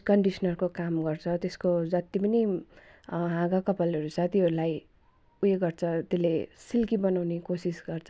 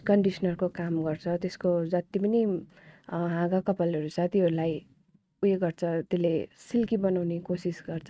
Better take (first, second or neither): first